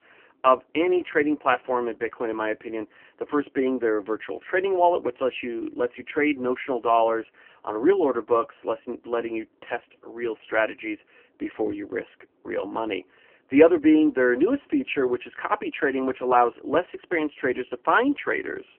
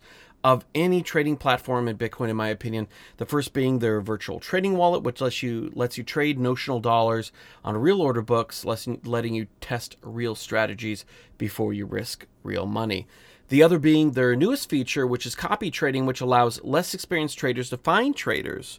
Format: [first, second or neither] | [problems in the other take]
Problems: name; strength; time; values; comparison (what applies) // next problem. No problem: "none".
second | phone-call audio; poor line; nothing above 3 kHz